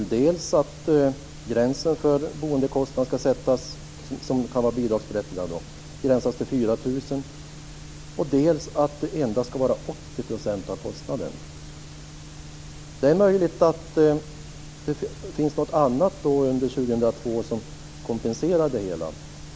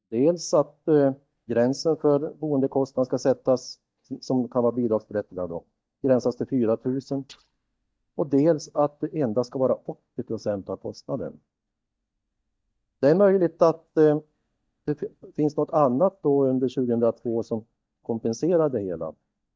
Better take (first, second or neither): first